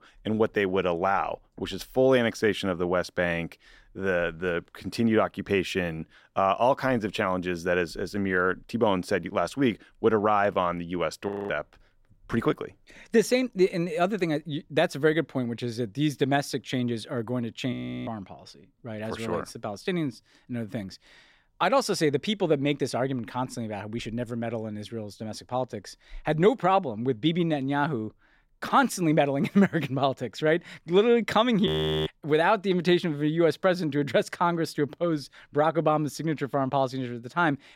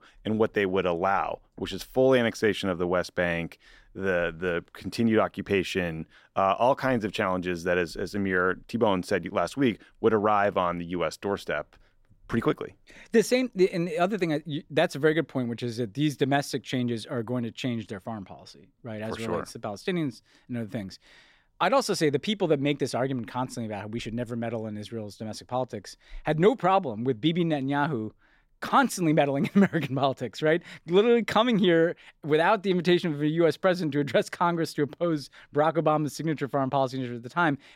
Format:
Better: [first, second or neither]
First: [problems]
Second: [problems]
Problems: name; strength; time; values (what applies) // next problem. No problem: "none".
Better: second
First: audio freezing; at 11 s, at 18 s and at 32 s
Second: none